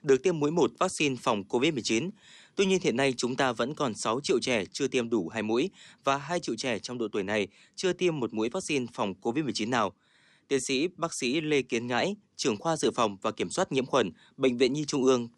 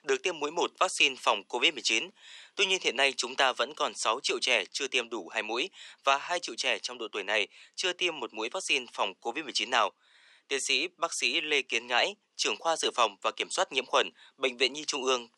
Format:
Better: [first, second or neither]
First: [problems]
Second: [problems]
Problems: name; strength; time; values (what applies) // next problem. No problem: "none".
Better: first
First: none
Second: thin; very; fading below 650 Hz